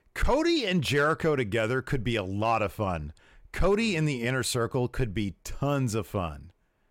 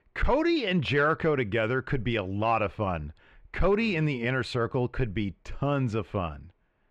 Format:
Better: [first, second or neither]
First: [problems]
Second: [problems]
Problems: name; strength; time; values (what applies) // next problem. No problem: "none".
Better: first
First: none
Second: muffled; slightly; fading above 2.5 kHz